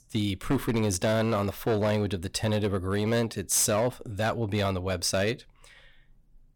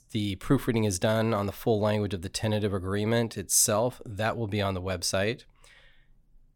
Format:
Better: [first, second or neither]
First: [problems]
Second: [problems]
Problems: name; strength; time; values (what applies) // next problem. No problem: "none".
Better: second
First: distortion; slight; 8% of the sound clipped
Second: none